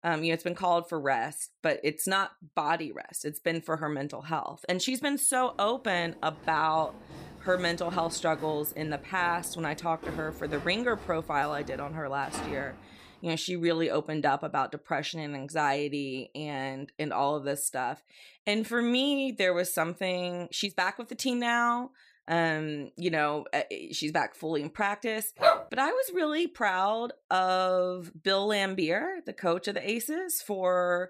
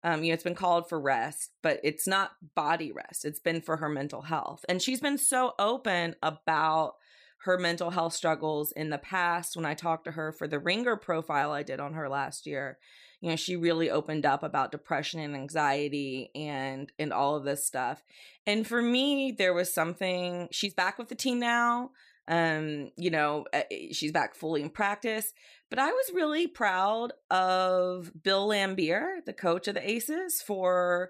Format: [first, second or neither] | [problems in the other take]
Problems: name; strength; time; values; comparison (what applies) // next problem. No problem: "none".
second | footsteps; noticeable; from 5.5 to 13 s; peak 8 dB below the speech // dog barking; loud; at 25 s; peak 5 dB above the speech